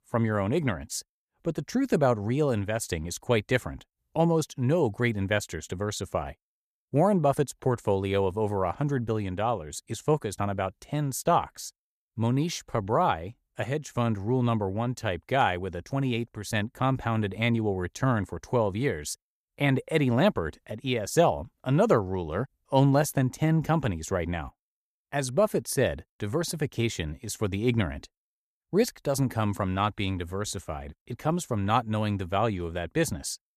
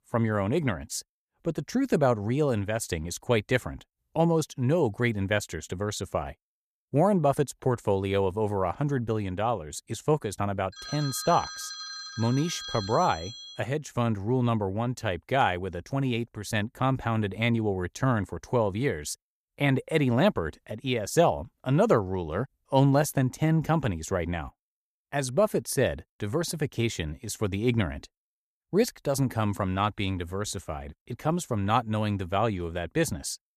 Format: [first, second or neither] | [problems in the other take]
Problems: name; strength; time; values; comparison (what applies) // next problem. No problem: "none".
first | phone ringing; noticeable; from 11 to 14 s; peak 8 dB below the speech